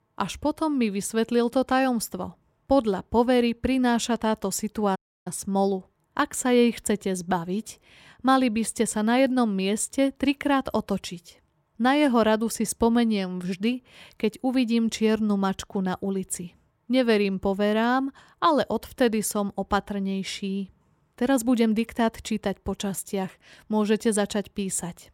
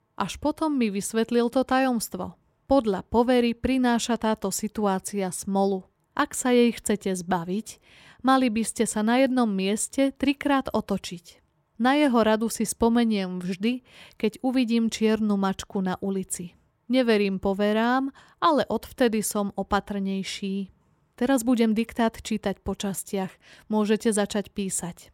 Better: second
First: audio cutting out; at 5 s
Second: none

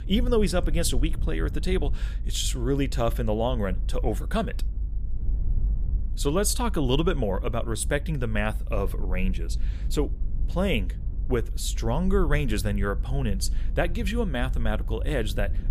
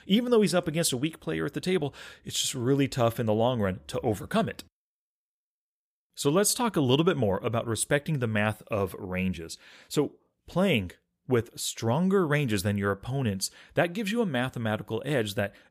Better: second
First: low rumble; faint; throughout; 20 dB below the speech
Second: none

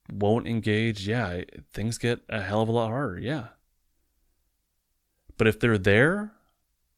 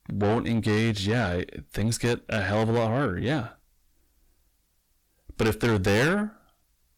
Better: first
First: none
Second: distortion; heavy; 6 dB below the speech

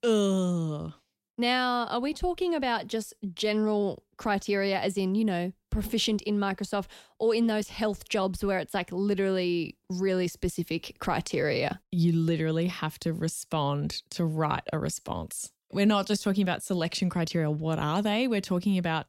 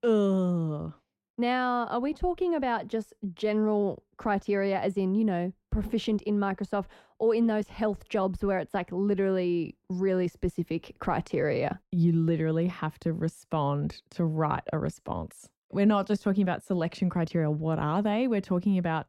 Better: first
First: none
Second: muffled; slightly; fading above 2.5 kHz

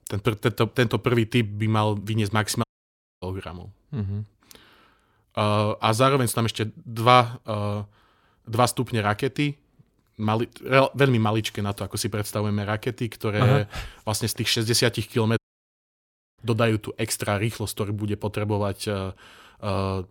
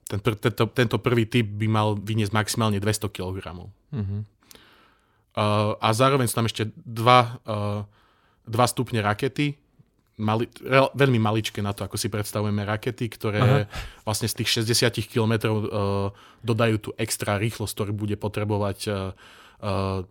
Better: second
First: audio cutting out; at 2.5 s for 0.5 s and at 15 s for 1 s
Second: none

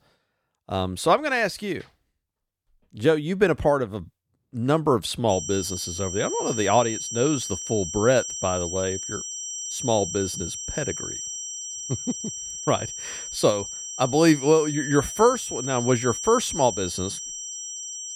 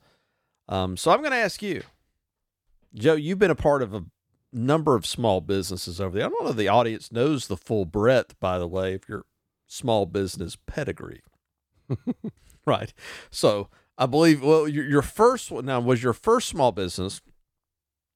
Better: second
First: high-pitched whine; loud; from 5.5 s on; 6 kHz, 7 dB below the speech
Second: none

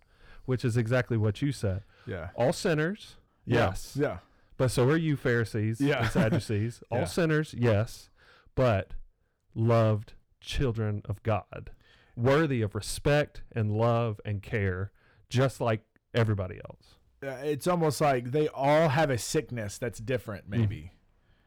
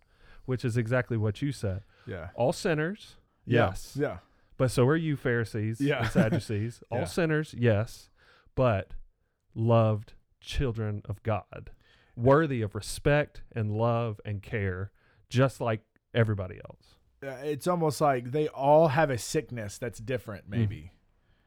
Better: second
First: distortion; slight; 5% of the sound clipped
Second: none

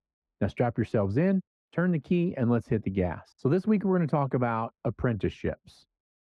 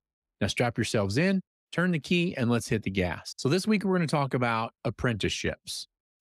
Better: second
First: muffled; very; fading above 2.5 kHz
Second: none

